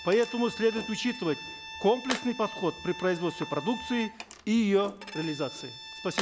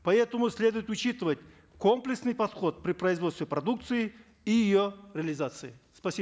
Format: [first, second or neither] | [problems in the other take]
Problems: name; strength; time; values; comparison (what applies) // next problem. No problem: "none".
second | background sound (Tools + Bowed string instrument); 11 dB below the speech